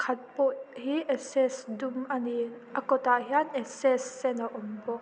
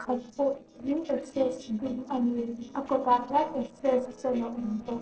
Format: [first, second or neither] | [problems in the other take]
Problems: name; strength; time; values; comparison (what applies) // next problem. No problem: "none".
first | noise reduction (neural separator model SepFormer DNS4)